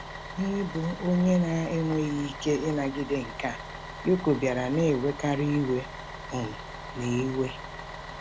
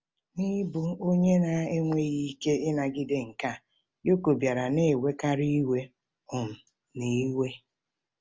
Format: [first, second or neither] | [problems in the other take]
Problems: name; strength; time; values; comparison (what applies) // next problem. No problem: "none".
second | background sound (Bus); 11 dB below the speech